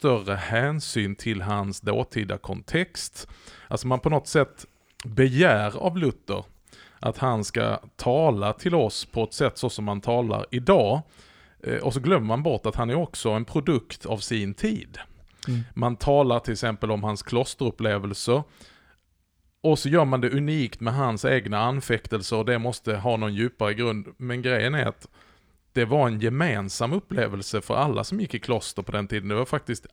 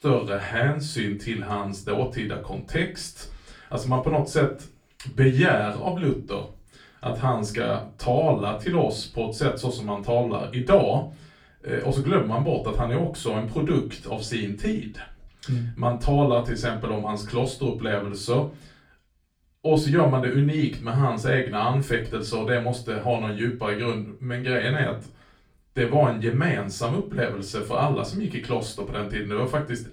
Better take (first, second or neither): first